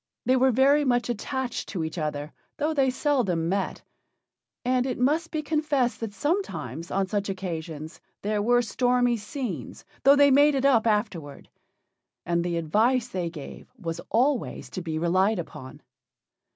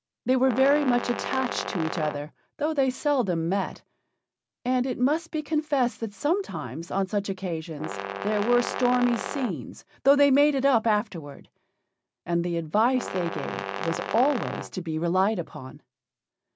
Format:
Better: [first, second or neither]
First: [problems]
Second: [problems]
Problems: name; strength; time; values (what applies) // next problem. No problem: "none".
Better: first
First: none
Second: background sound (Brass instrument); 7 dB below the speech